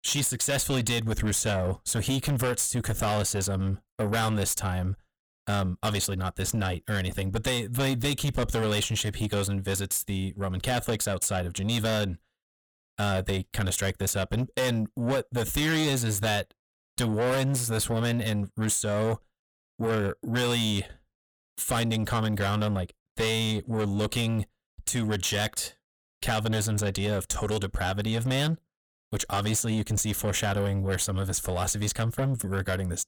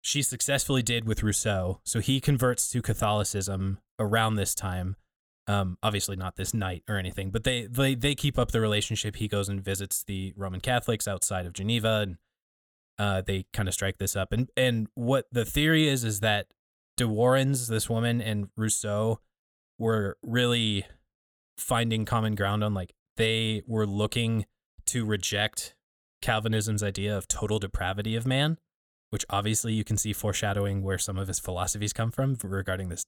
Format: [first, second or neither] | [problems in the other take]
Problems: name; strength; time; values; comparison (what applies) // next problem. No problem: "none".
second | distortion; heavy; 8 dB below the speech